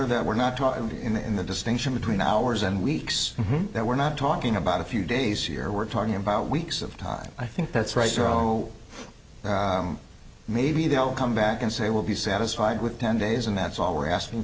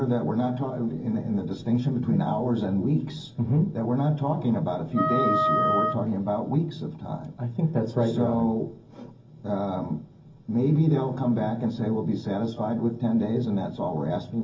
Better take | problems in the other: first | background sound (Wind instrument, woodwind instrument); 1 dB above the speech // room echo; dies away in 0.4 s

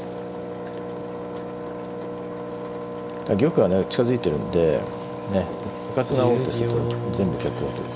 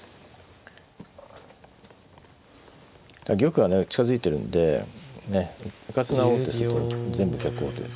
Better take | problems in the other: second | background sound (Engine); 7 dB below the speech

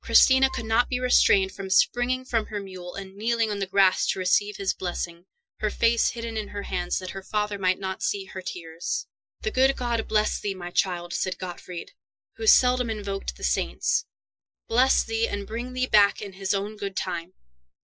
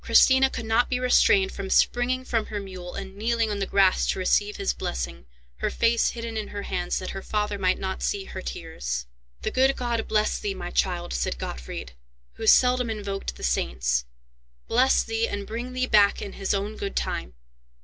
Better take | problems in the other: second | noise reduction (classical method Wiener filter)

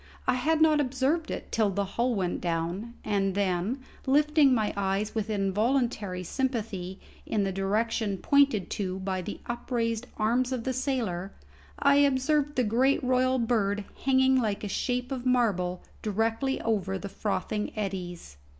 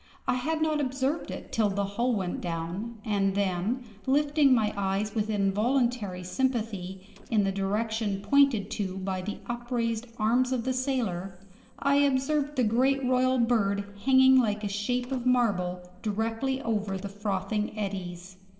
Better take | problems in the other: first | noise reduction (neural separator model SepFormer DNS4)

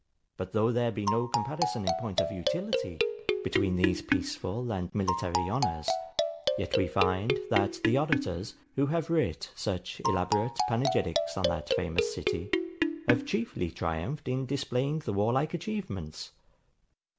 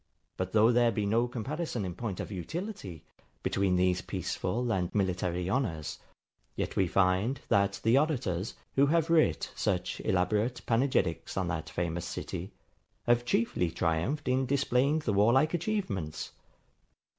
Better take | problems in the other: second | background sound (Marimba, xylophone); as loud as the speech

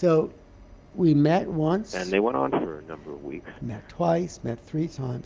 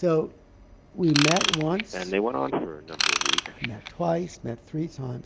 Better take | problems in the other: first | background sound (Ratchet, pawl / Tools); 1 dB below the speech

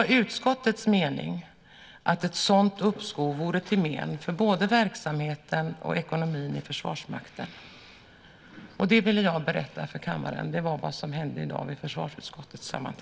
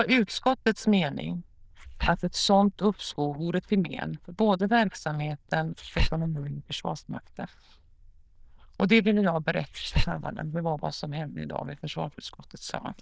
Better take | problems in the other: first | noise reduction (neural diffusion model UNIVERSE++)

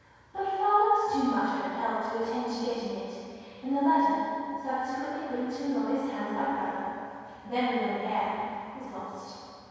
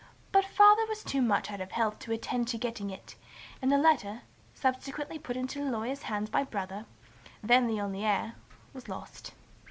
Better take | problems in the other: second | room echo; dies away in 2.2 s

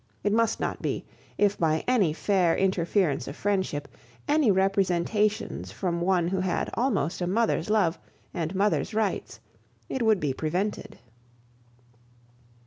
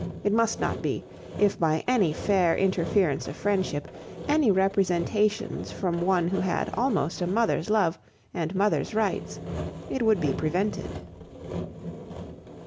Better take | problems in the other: first | background sound (Sawing); 11 dB below the speech

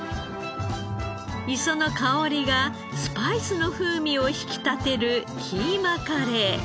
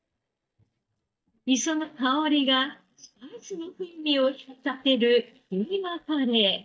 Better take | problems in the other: first | noise reduction (neural mask model DeepFilterNet 3)

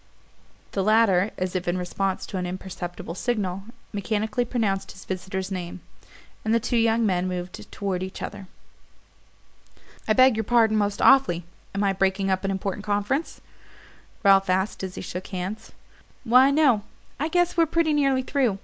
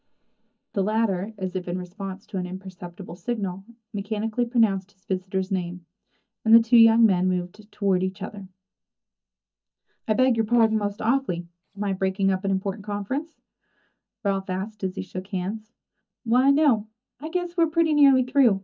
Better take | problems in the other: first | noise reduction (neural mask model DeepFilterNet 3)

